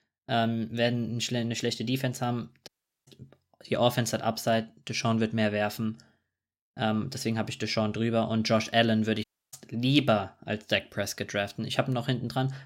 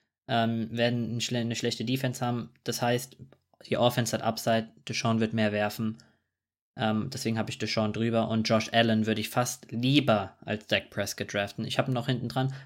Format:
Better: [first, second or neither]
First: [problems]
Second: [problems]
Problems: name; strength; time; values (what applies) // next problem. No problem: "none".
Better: second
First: audio cutting out; at 2.5 s and at 9 s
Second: none